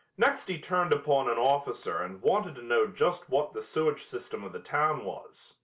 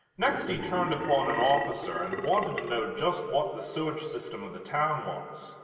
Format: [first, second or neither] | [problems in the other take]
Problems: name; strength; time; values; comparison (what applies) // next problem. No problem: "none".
first | background sound (Burping, eructation); 6 dB below the speech // room echo; dies away in 2.9 s